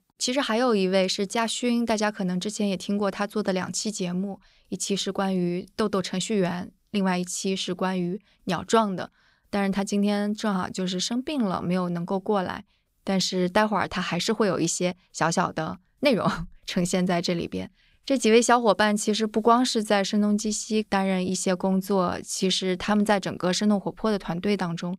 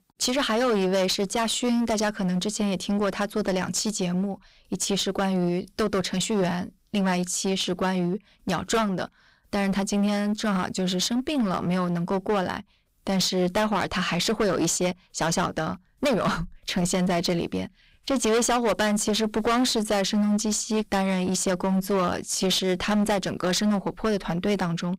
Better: first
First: none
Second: distortion; heavy; 15% of the sound clipped

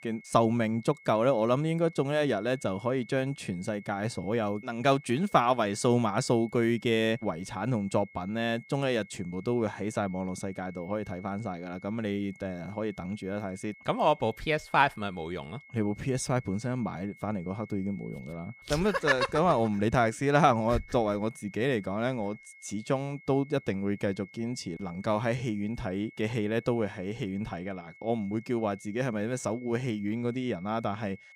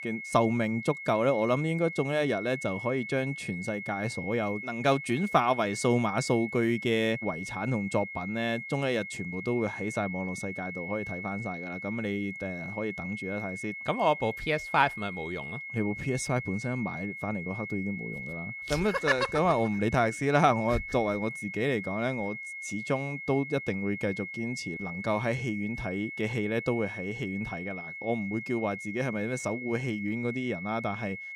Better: first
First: high-pitched whine; faint; throughout; 2 kHz, 20 dB below the speech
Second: high-pitched whine; loud; throughout; 2 kHz, 8 dB below the speech

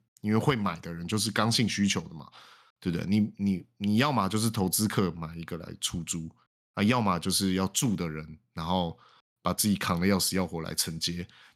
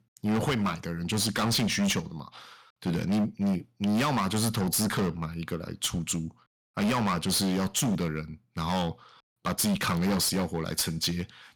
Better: first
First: none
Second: distortion; heavy; 15% of the sound clipped

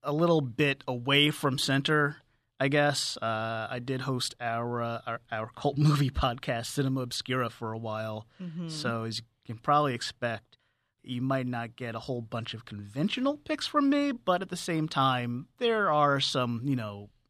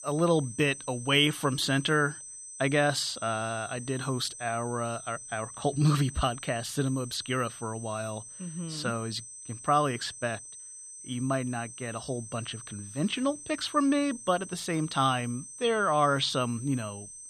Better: first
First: none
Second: high-pitched whine; noticeable; throughout; 8 kHz, 15 dB below the speech

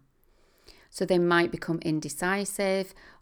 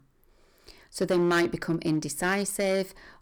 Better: first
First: none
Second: distortion; slight; 6% of the sound clipped

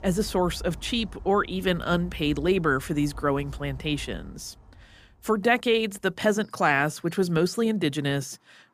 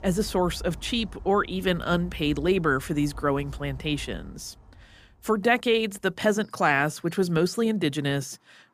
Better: neither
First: animal sounds; noticeable; throughout; 20 dB below the speech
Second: animal sounds; noticeable; throughout; 20 dB below the speech

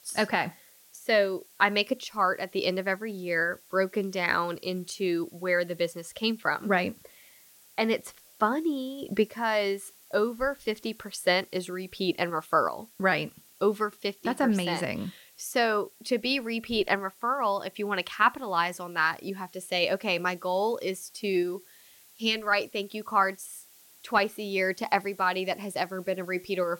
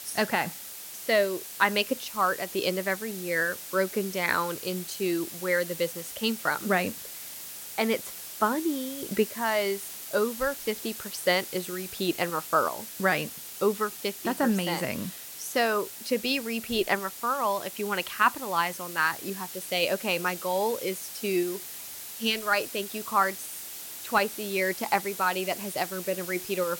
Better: first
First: hiss; faint; throughout; 25 dB below the speech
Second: hiss; loud; throughout; 9 dB below the speech

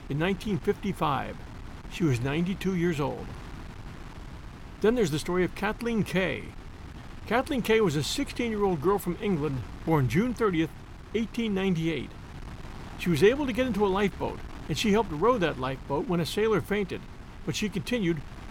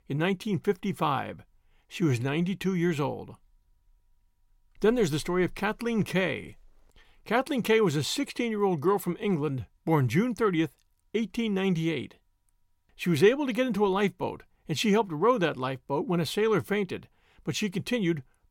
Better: second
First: wind noise on the microphone; occasional gusts; 20 dB below the speech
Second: none

